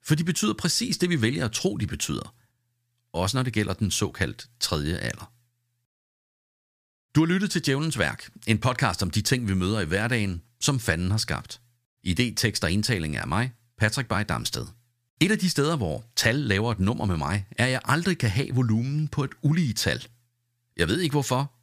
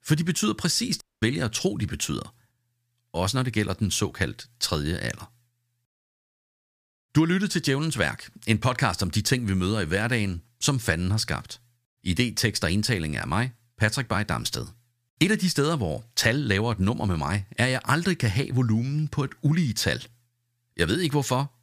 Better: first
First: none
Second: audio cutting out; at 1 s

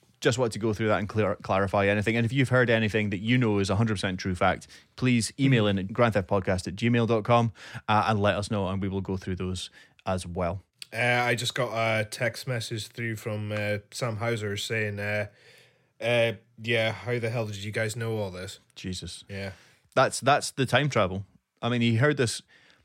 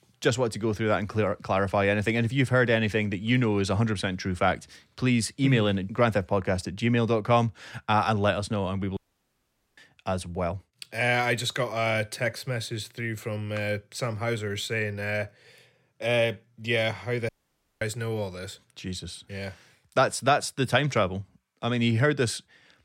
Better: first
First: none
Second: audio cutting out; at 9 s for 1 s and at 17 s for 0.5 s

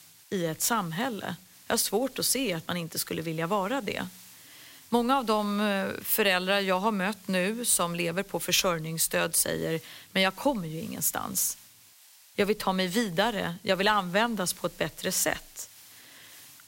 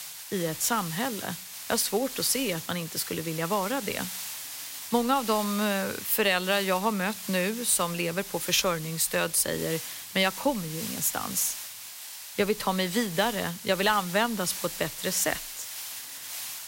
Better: first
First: hiss; faint; throughout; 25 dB below the speech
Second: hiss; loud; throughout; 9 dB below the speech

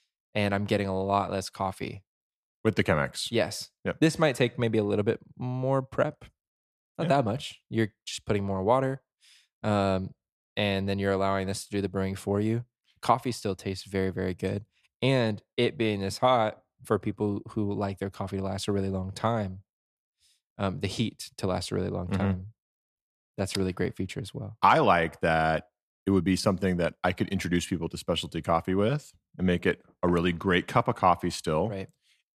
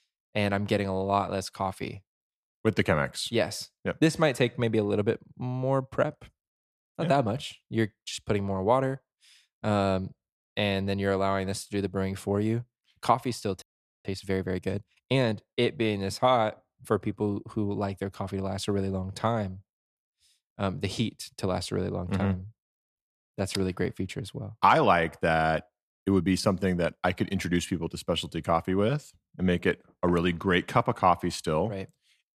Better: first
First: none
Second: audio freezing; at 14 s

